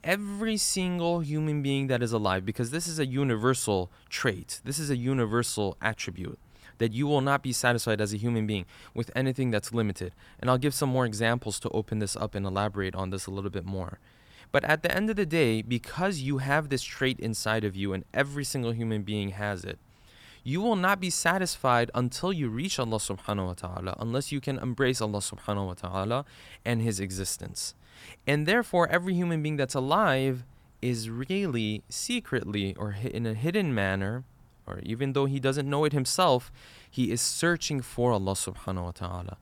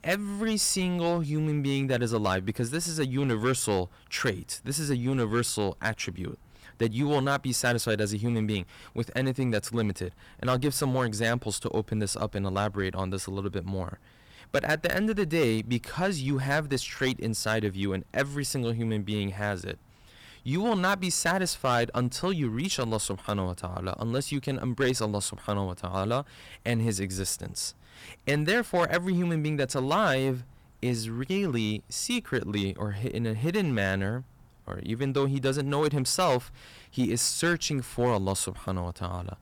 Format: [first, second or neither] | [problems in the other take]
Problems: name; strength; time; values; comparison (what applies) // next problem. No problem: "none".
first | distortion; slight; 4% of the sound clipped